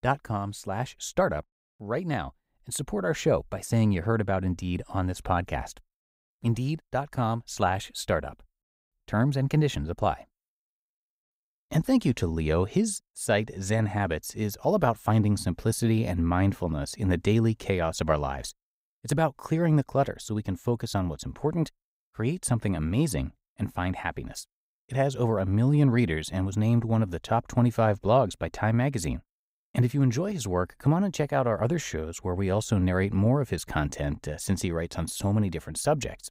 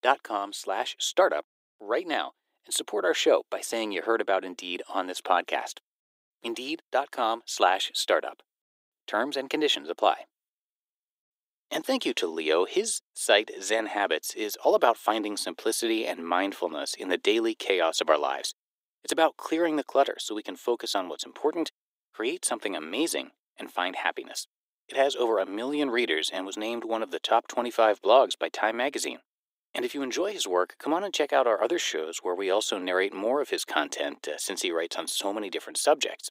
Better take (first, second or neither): first